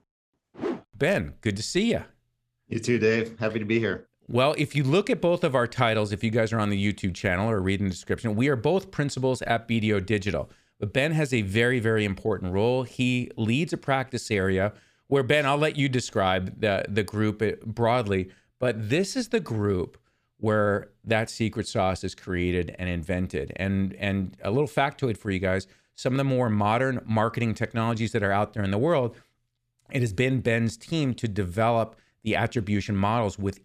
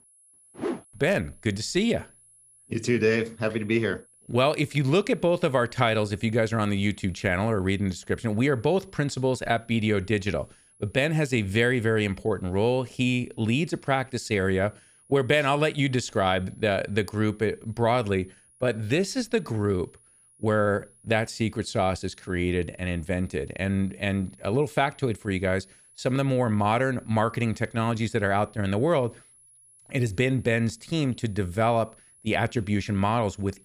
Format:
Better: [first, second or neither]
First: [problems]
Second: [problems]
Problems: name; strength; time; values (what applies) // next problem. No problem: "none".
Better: first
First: none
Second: high-pitched whine; faint; throughout; 10.5 kHz, 30 dB below the speech